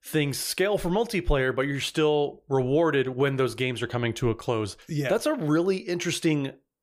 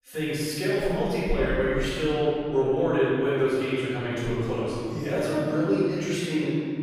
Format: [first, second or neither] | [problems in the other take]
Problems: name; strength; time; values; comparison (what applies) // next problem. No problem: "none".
first | room echo; strong; dies away in 2.2 s // off-mic speech; far